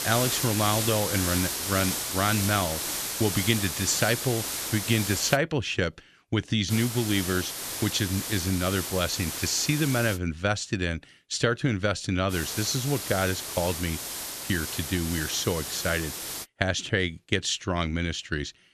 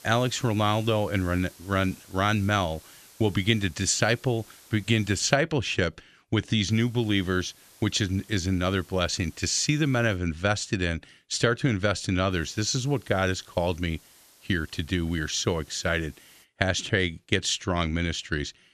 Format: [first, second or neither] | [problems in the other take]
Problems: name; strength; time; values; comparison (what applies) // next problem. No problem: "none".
second | hiss; loud; until 5.5 s, from 6.5 to 10 s and from 12 to 16 s; 3 dB below the speech; faint in the second